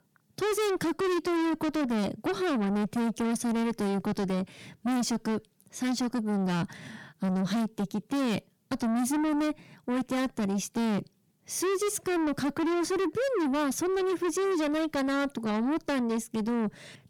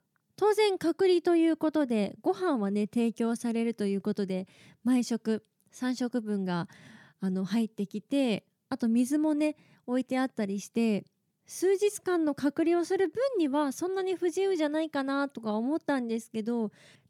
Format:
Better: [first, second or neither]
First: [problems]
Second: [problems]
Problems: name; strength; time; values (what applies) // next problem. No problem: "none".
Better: second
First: distortion; heavy; 6 dB below the speech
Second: none